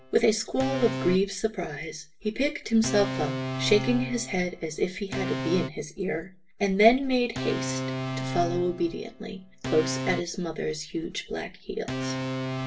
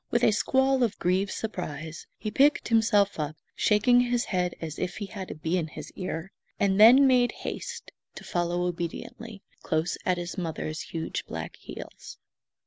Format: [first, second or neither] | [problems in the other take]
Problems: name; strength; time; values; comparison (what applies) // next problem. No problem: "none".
second | background sound (Organ); 7 dB below the speech // room echo; dies away in 0.2 s